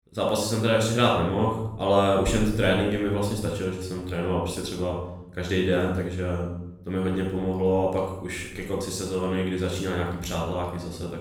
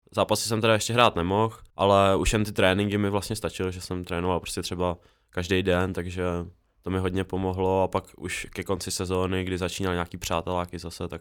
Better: second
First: off-mic speech; far // room echo; noticeable; dies away in 0.8 s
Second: none

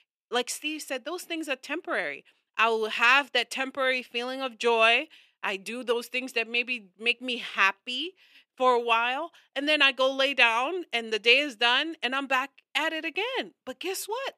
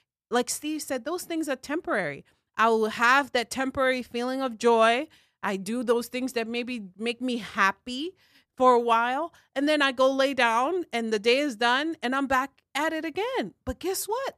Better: second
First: thin; very slightly; fading below 350 Hz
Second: none

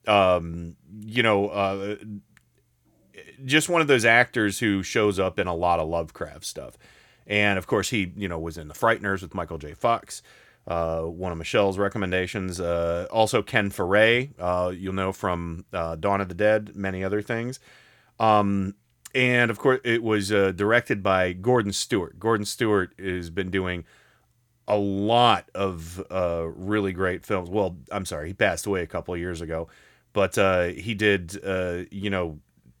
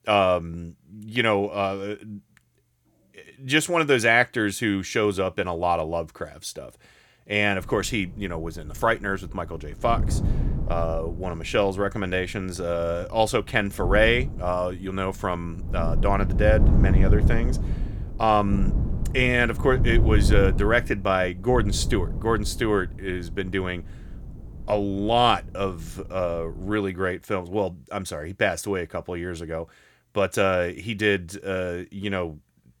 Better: first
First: none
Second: wind noise on the microphone; occasional gusts; from 7.5 to 27 s; 15 dB below the speech

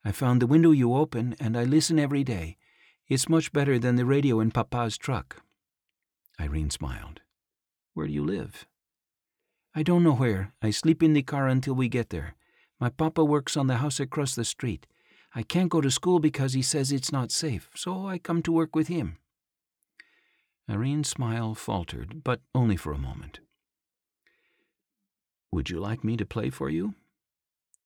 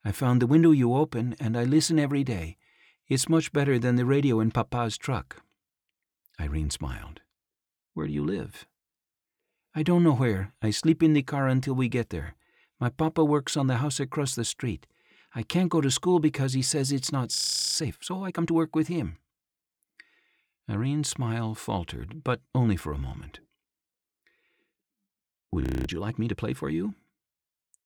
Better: first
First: none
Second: audio freezing; at 17 s and at 26 s

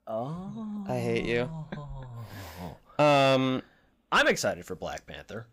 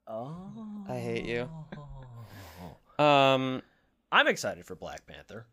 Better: second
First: distortion; heavy; 8 dB below the speech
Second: none

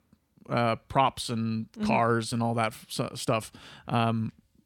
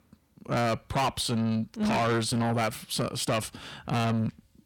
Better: first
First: none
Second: distortion; heavy; 6 dB below the speech

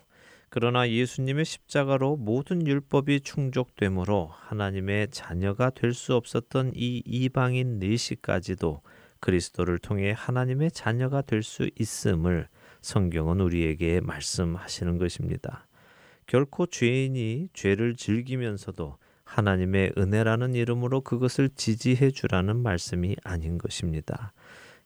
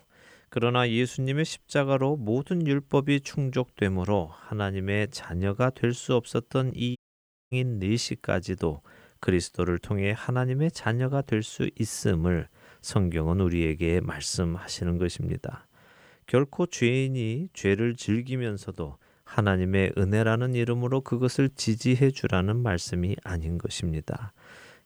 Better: first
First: none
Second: audio cutting out; at 7 s for 0.5 s

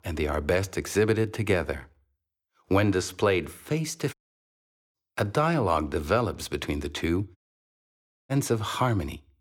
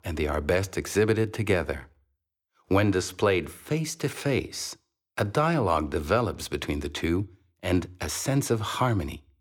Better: second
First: audio cutting out; at 4 s for 1 s and at 7.5 s for 1 s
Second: none

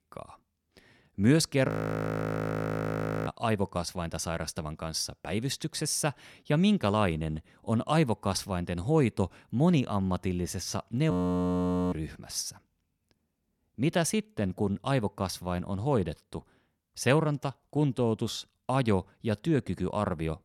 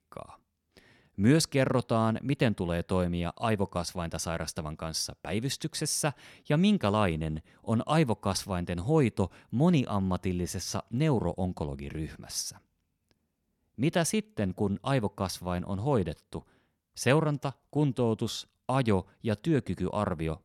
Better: second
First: audio freezing; at 1.5 s for 1.5 s and at 11 s for 1 s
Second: none

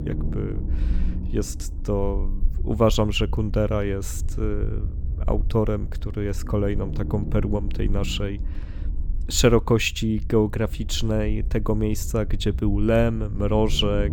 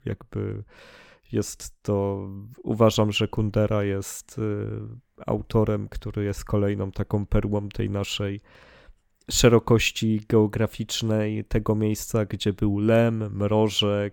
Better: second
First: low rumble; noticeable; throughout; 20 dB below the speech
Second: none

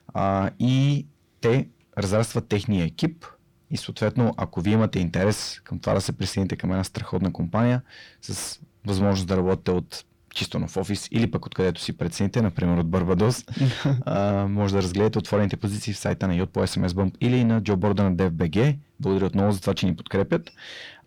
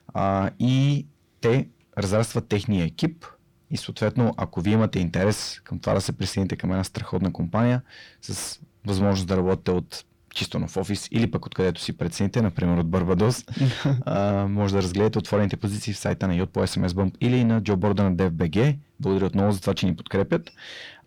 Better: neither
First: distortion; slight; 10 dB below the speech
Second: distortion; slight; 10 dB below the speech

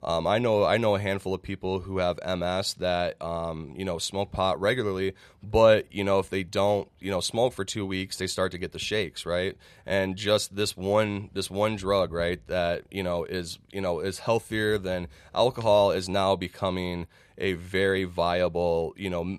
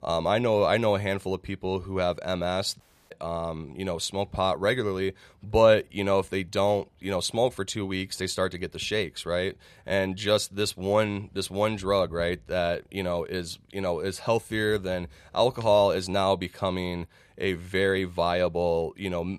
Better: first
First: none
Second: audio cutting out; at 3 s

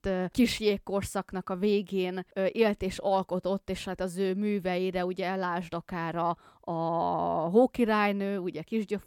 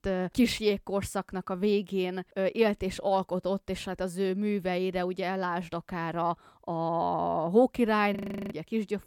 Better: first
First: none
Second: audio freezing; at 8 s

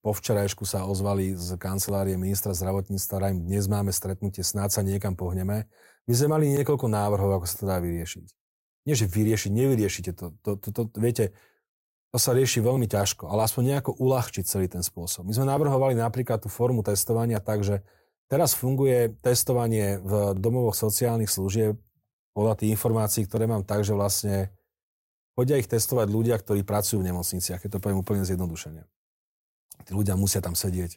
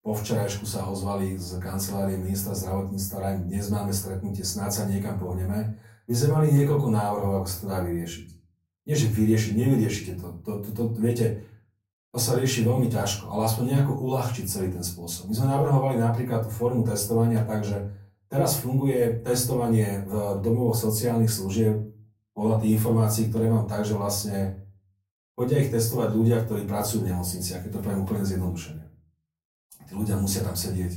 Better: first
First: none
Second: room echo; slight; dies away in 0.3 s // off-mic speech; far

